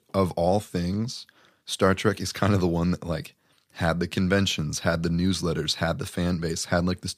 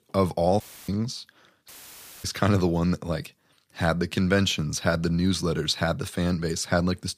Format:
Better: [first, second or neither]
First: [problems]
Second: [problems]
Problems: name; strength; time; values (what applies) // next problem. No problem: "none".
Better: first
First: none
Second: audio cutting out; filled with static; at 0.5 s and at 1.5 s for 0.5 s